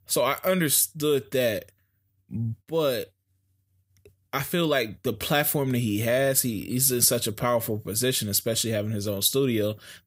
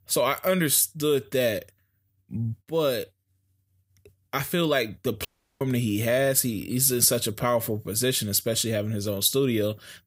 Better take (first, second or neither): first